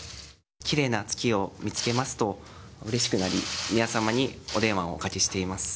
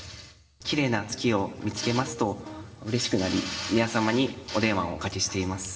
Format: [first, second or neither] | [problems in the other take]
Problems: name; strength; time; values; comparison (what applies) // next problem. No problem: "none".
first | background sound (Piano); 16 dB below the speech // room echo; dies away in 1.4 s